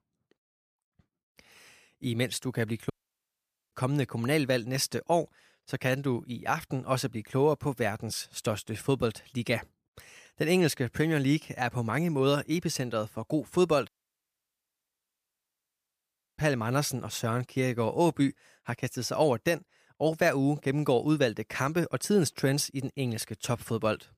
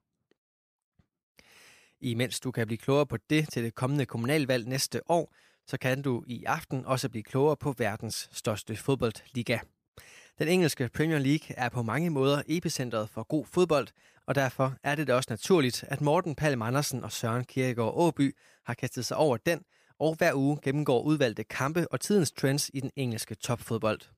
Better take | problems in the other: second | audio cutting out; at 3 s for 1 s and at 14 s for 2.5 s

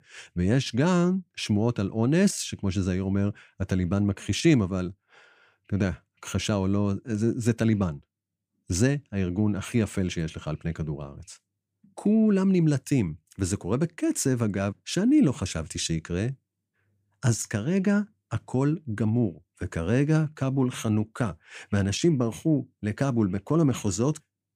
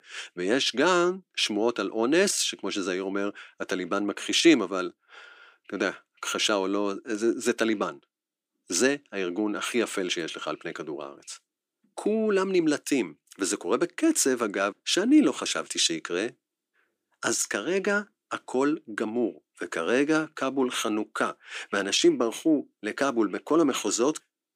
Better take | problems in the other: first | thin; somewhat; fading below 300 Hz

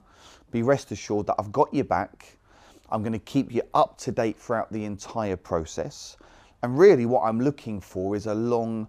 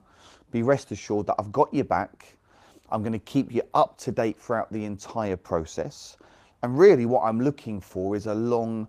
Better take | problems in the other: first | garbled, watery; slightly; nothing above 15 kHz

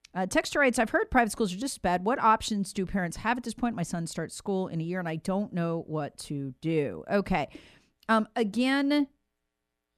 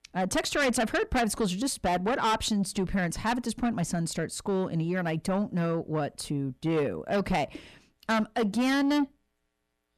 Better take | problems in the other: first | distortion; heavy; 7 dB below the speech

